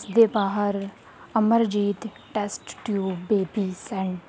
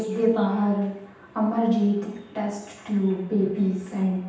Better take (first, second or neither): first